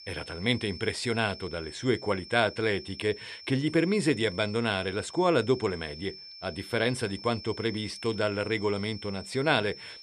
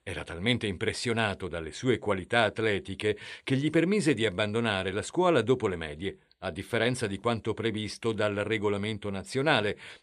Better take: second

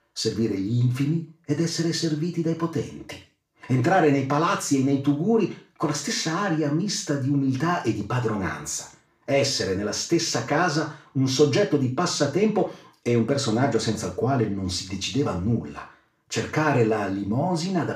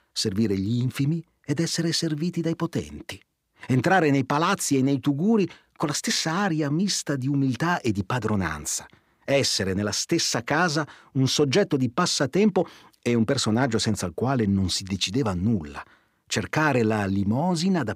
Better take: second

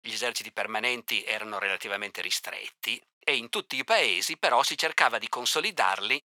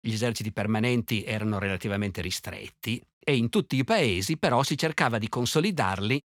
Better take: second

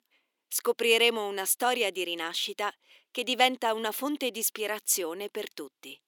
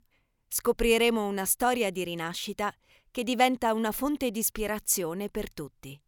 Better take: second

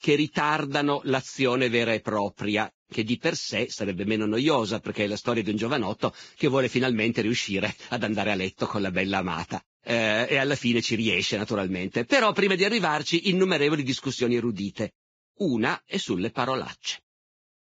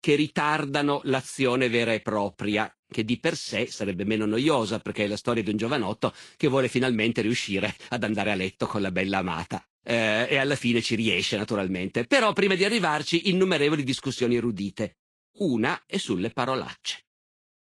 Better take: second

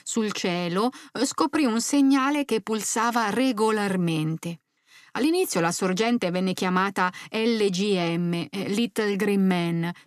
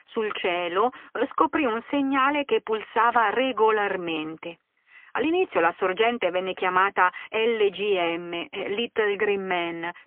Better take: first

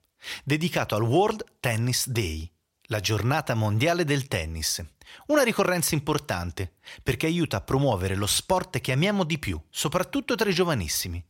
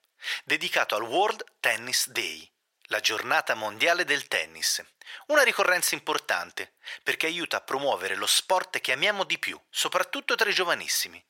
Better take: first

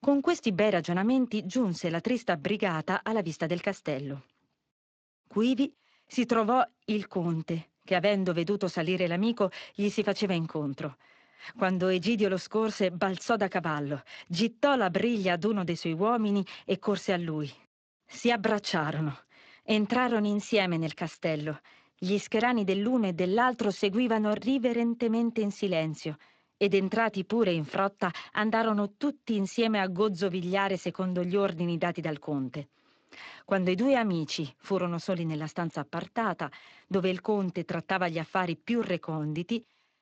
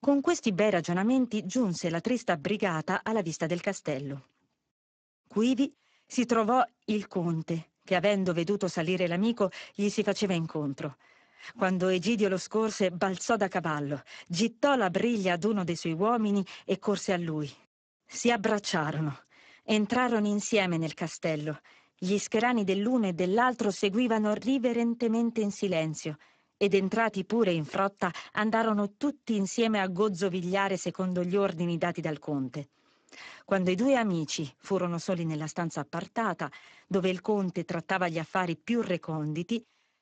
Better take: first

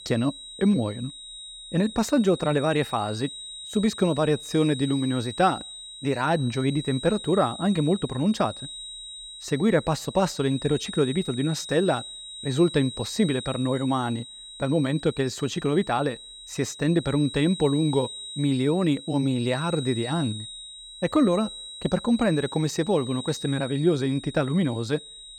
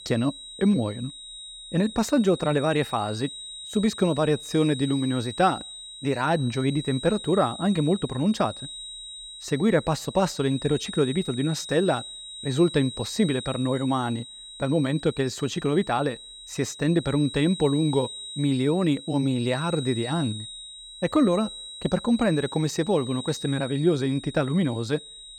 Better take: neither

